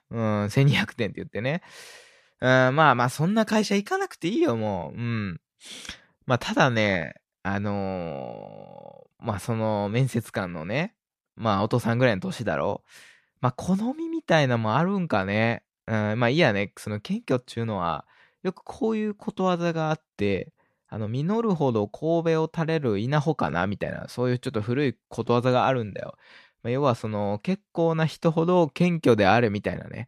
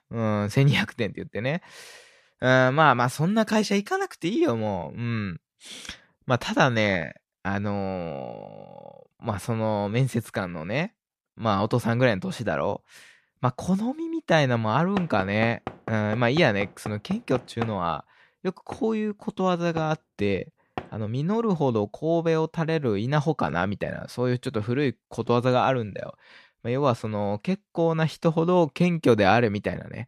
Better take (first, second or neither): first